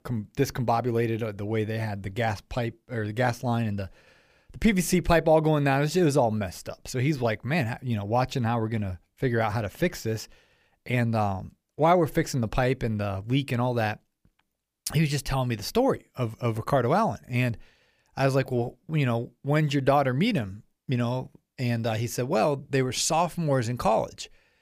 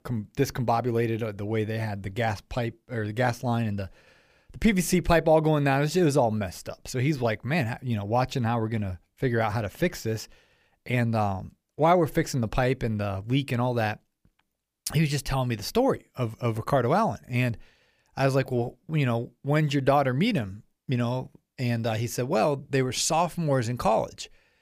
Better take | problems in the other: neither | none

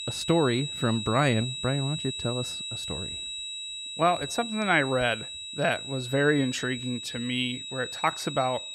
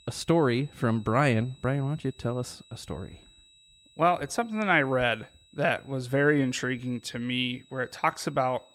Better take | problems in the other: second | high-pitched whine; loud; throughout; 4 kHz, 7 dB below the speech; faint in the second

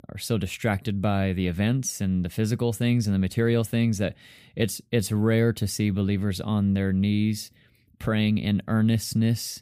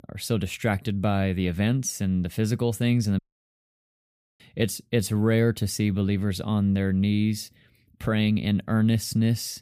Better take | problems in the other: first | audio cutting out; at 3 s for 1 s

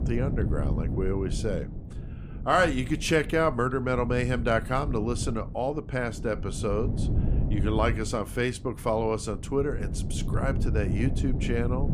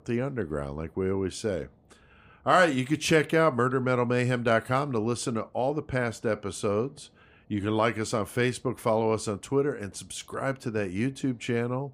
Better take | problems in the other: second | wind noise on the microphone; occasional gusts; 15 dB below the speech

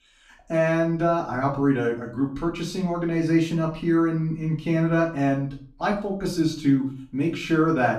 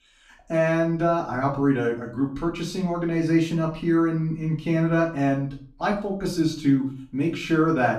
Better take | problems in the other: neither | off-mic speech; far; the same in both // room echo; slight; dies away in 0.4 s; the same in both

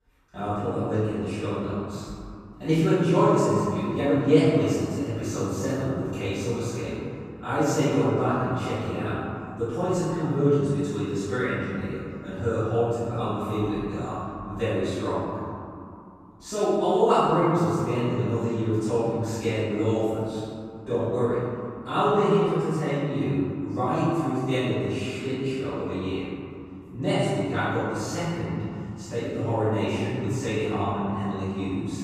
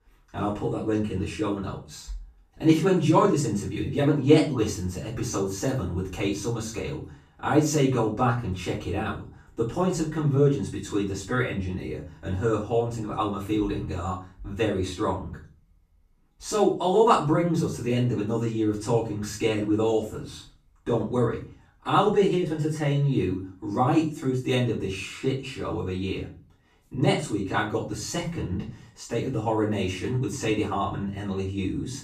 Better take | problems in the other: second | room echo; strong; dies away in 2.6 s; slight in the second // off-mic speech; far; far in the second

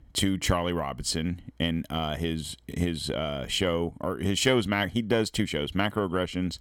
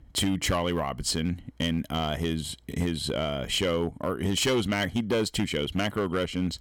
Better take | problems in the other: first | distortion; slight; 6% of the sound clipped

